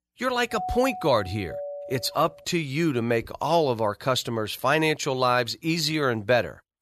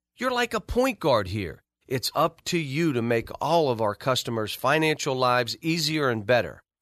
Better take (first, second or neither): second